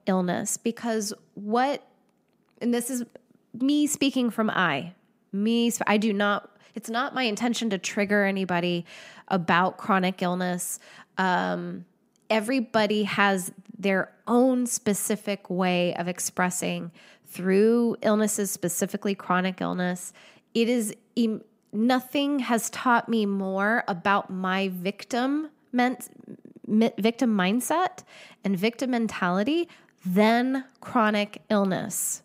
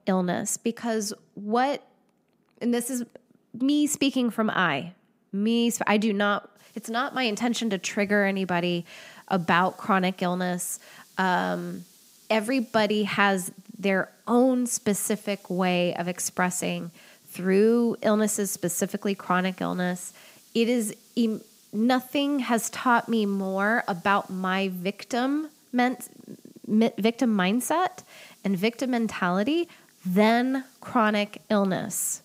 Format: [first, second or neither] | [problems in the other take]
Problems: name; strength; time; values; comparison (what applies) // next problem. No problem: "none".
first | hiss; faint; from 6.5 s on; 30 dB below the speech